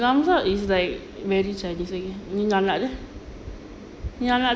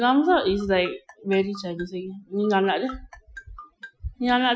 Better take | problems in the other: first | noise reduction (classical method Wiener filter)

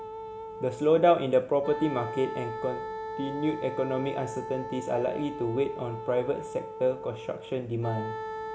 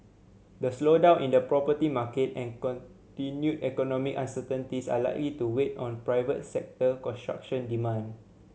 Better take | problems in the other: second | background sound (Wind instrument, woodwind instrument); 9 dB below the speech

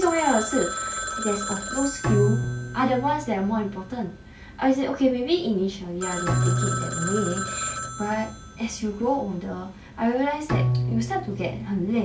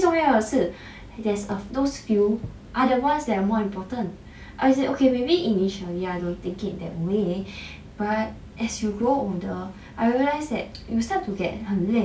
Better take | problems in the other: second | background sound (Telephone + Bowed string instrument); 3 dB below the speech

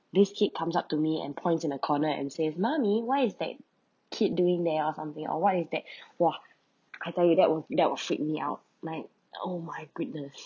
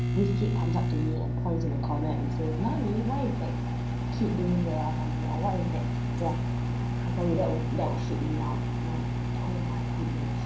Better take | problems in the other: first | background sound (Microwave oven); 4 dB above the speech // room echo; dies away in 0.6 s

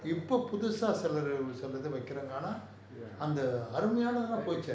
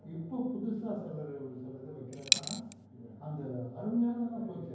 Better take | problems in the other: first | background sound (Coin (dropping)); 5 dB above the speech // room echo; dies away in 0.9 s

